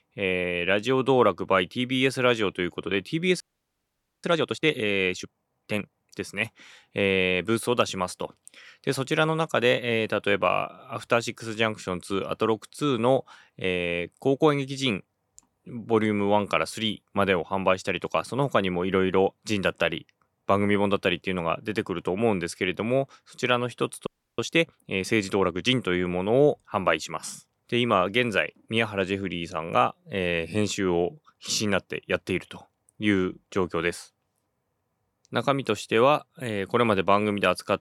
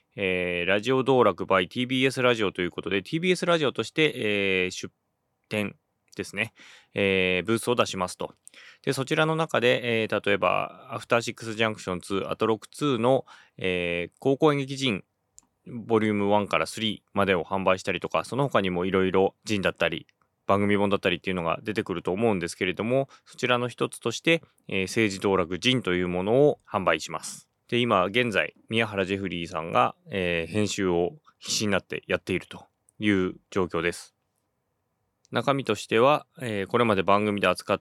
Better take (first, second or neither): second